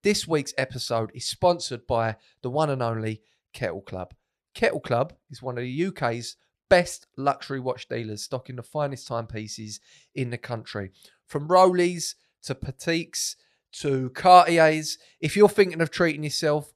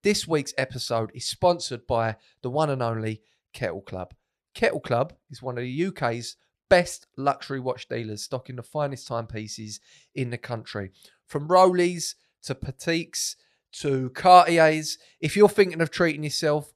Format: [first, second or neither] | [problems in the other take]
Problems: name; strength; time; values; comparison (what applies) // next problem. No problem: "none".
neither | none